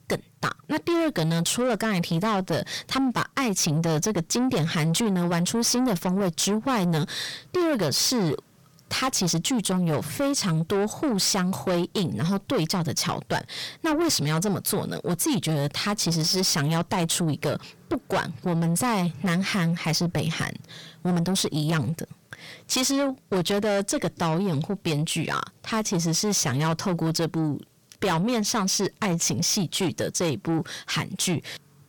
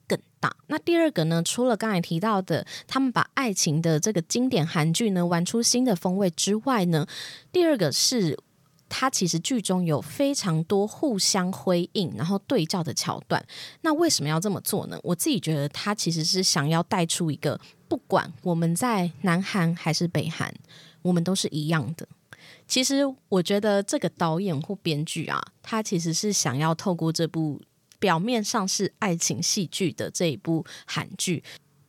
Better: second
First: distortion; heavy; 7 dB below the speech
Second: none

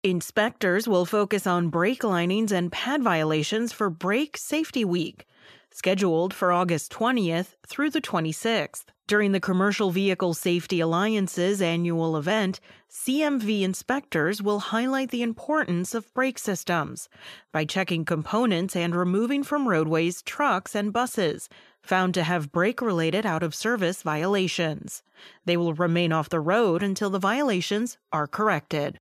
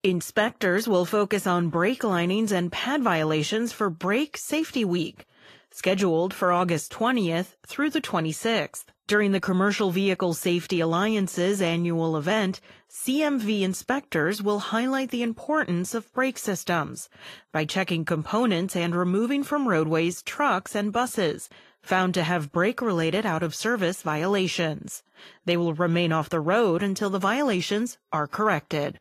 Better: first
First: none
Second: garbled, watery; slightly; nothing above 14 kHz

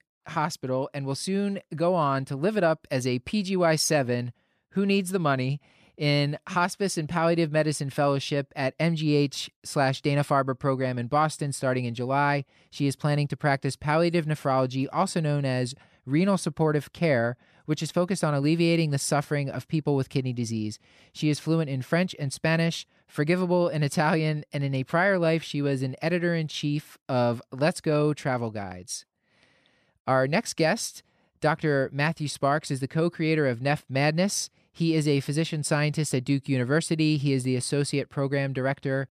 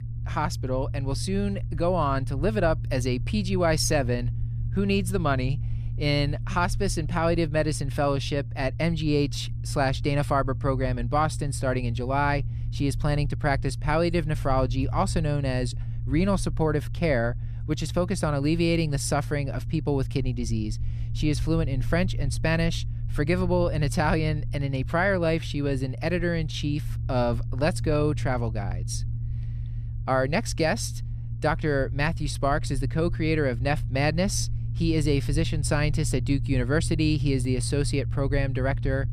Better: first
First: none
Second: low rumble; noticeable; throughout; 20 dB below the speech

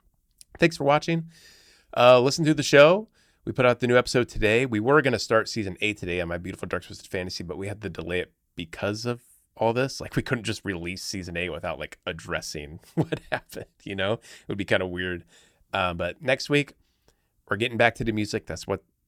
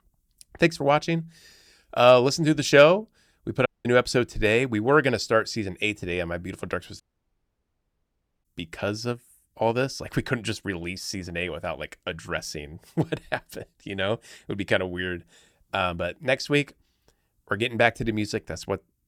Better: first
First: none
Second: audio cutting out; at 3.5 s and at 7 s for 1.5 s

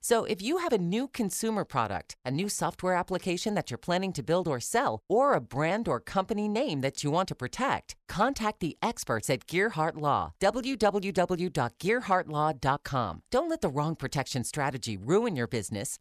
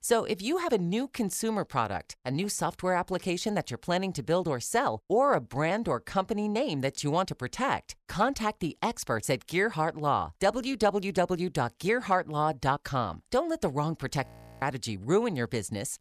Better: first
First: none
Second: audio freezing; at 14 s

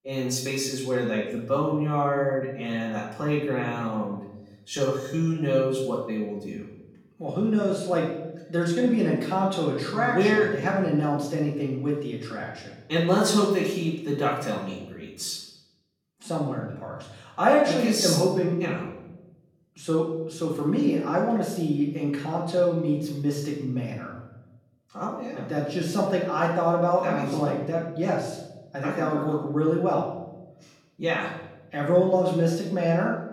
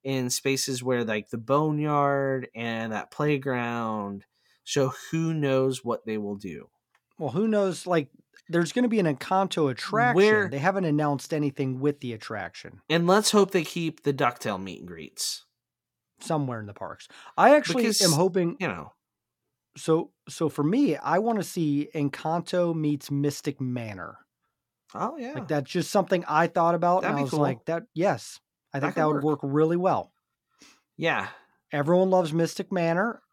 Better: second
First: off-mic speech; far // room echo; noticeable; dies away in 0.8 s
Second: none

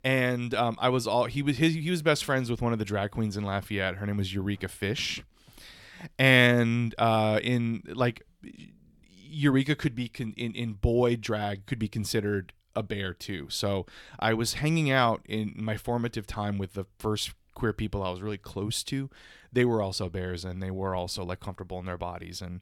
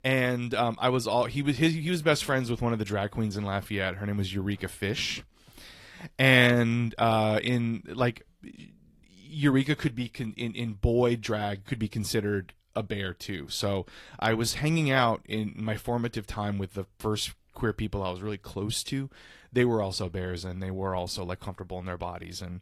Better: first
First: none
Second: garbled, watery; slightly

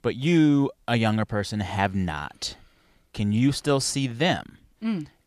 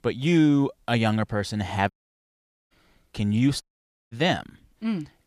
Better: first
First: none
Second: audio cutting out; at 2 s for 1 s and at 3.5 s

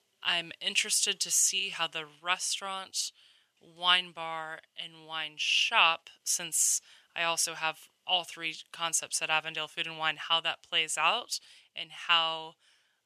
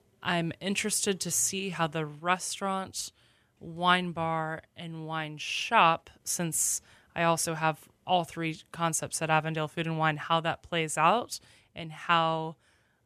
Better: second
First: thin; somewhat; fading below 1 kHz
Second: none

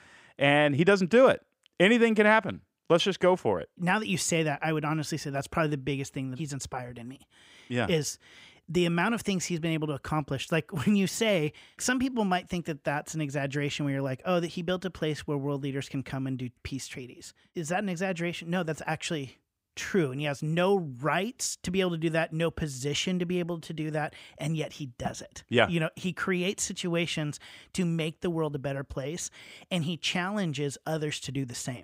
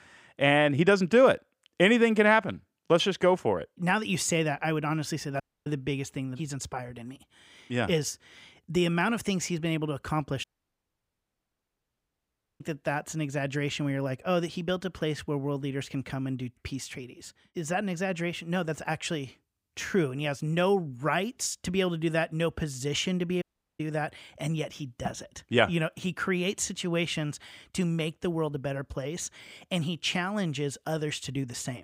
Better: first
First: none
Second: audio cutting out; at 5.5 s, at 10 s for 2 s and at 23 s

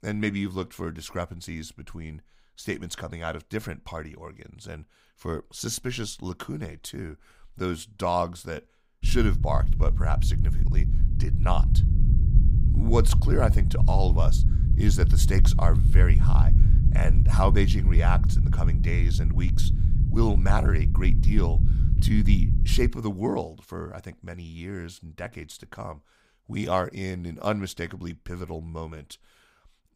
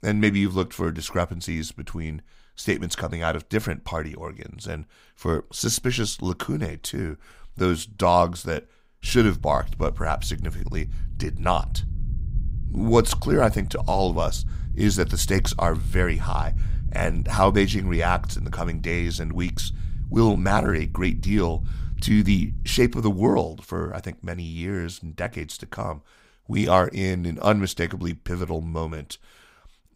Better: second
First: low rumble; loud; from 9 to 23 s; 7 dB below the speech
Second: low rumble; faint; from 9 to 23 s; 20 dB below the speech

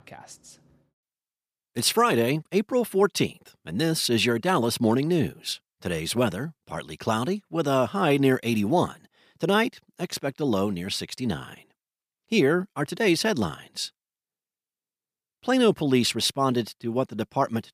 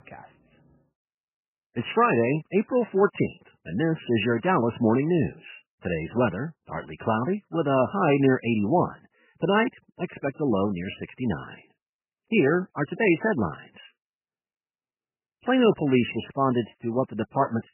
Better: first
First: none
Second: garbled, watery; badly; nothing above 3 kHz

